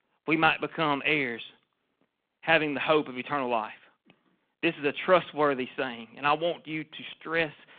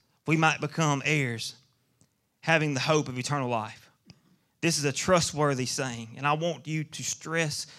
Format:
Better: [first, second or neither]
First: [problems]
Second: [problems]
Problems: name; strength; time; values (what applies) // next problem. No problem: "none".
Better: second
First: phone-call audio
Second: none